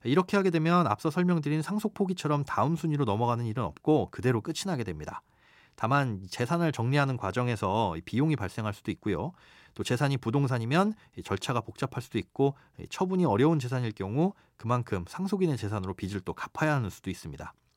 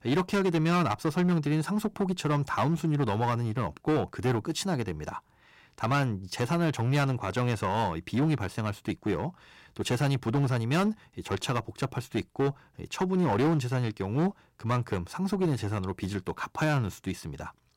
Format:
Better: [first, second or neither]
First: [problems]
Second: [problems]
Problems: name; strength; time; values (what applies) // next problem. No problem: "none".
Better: first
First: none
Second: distortion; slight; 9% of the sound clipped